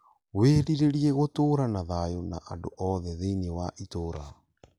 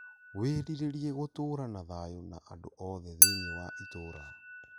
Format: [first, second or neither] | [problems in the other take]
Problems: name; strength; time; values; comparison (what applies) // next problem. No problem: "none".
first | background sound (Chink, clink); 4 dB above the speech